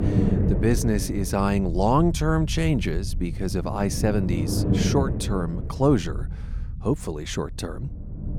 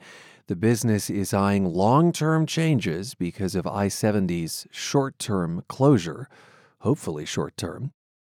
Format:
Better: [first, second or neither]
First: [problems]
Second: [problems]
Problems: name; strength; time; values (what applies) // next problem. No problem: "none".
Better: second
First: low rumble; loud; throughout; 9 dB below the speech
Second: none